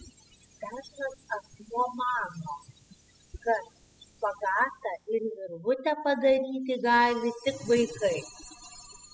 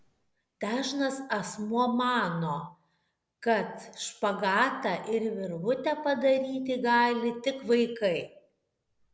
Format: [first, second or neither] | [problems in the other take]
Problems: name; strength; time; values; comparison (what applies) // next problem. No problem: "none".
second | noise reduction (classical method spectral subtraction)